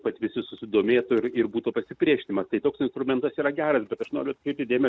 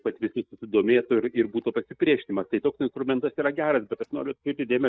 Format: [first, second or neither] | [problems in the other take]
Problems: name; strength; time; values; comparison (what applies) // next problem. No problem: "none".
first | noise reduction (neural mask model DeepFilterNet 3)